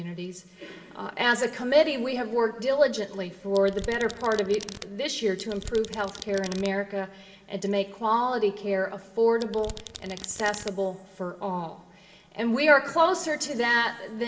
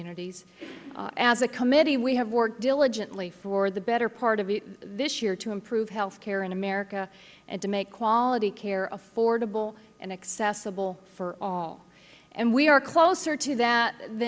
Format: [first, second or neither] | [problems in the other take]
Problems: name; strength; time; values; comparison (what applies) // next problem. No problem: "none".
second | background sound (Domestic sounds, home sounds); 15 dB below the speech // room echo; dies away in 2.5 s